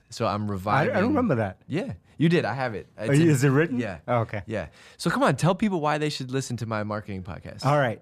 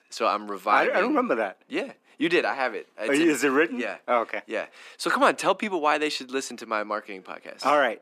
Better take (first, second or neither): first